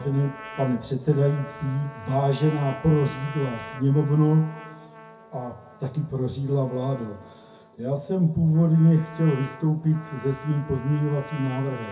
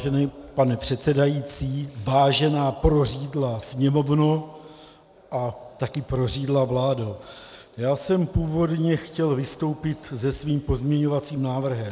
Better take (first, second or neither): second